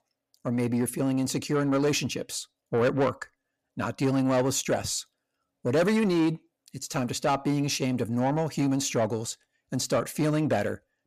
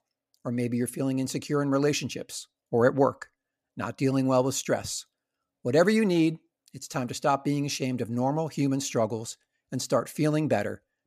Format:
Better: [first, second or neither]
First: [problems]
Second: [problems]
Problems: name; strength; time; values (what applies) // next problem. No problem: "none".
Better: second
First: distortion; slight; 10 dB below the speech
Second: none